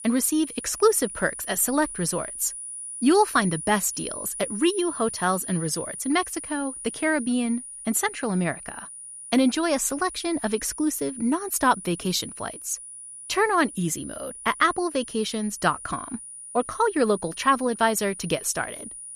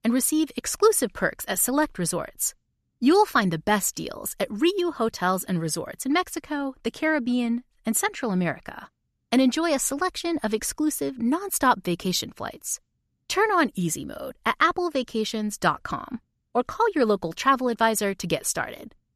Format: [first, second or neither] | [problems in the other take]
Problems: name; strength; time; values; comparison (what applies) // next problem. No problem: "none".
second | high-pitched whine; noticeable; throughout; 9.5 kHz, 10 dB below the speech